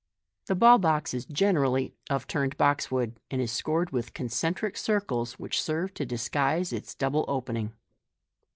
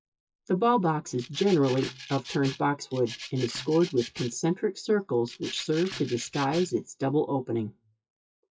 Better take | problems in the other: first | noise reduction (classical method WPE with log-MMSE)

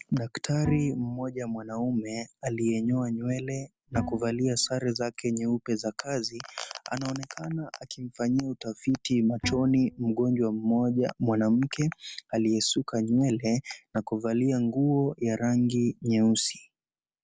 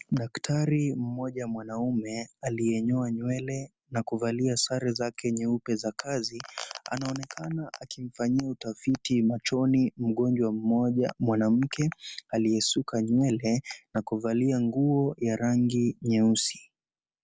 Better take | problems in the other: second | background sound (Bowed string instrument); 11 dB below the speech

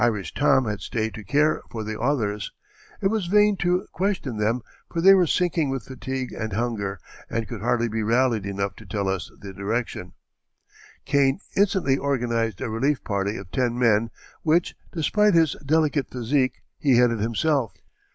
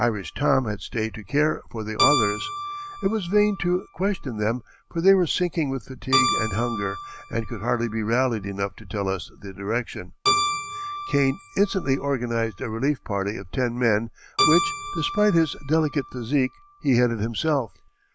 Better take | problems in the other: first | background sound (Keyboard (musical)); 7 dB below the speech

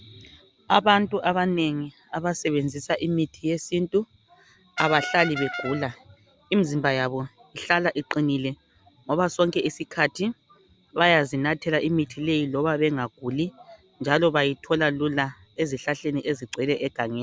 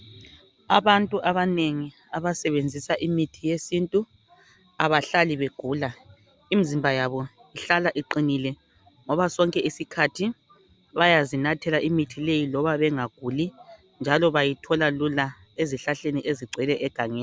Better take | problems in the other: second | background sound (Brass instrument); 7 dB below the speech

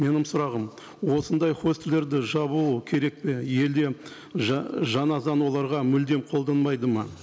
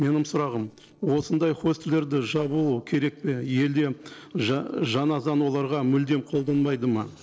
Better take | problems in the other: first | noise reduction (neural separator model SepFormer DNS4)

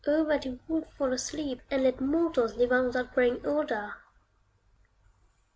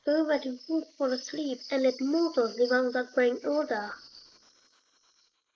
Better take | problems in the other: first | noise reduction (neural mask model Resemble Enhance denoiser)

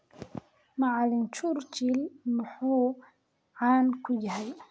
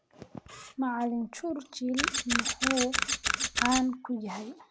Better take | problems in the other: first | background sound (Camera); as loud as the speech

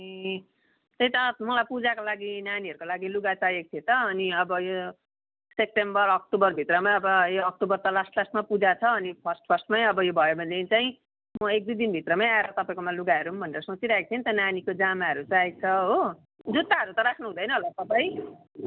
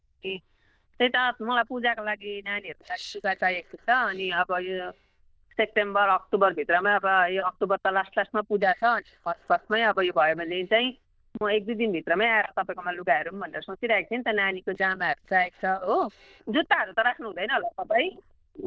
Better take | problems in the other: first | noise reduction (neural diffusion model UNIVERSE++)

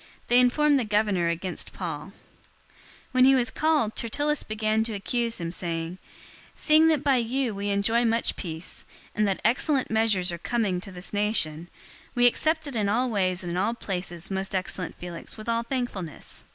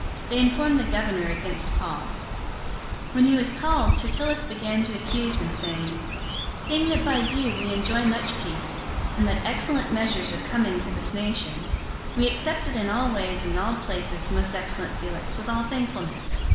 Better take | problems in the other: first | background sound (Chirp, tweet); 1 dB below the speech // room echo; dies away in 1.1 s

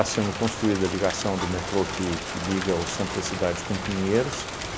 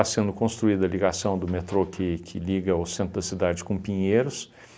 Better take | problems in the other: second | background sound (Rain); 6 dB below the speech

